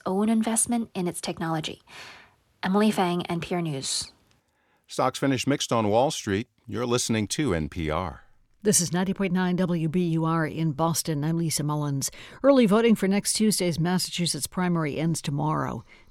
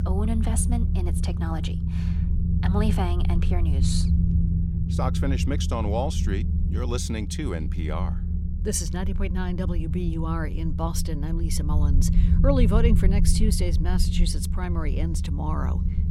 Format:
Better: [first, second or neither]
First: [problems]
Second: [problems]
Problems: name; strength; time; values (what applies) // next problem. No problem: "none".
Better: first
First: none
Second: low rumble; loud; throughout; 6 dB below the speech